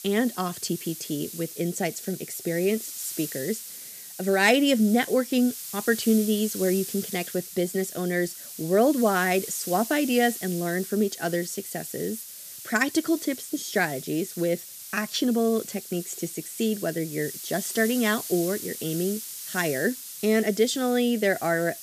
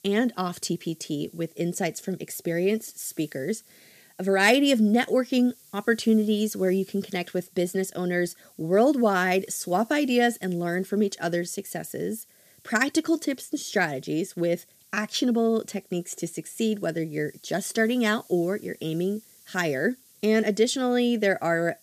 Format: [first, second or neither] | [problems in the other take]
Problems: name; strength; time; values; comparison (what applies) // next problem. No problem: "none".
second | hiss; loud; throughout; 10 dB below the speech; faint in the second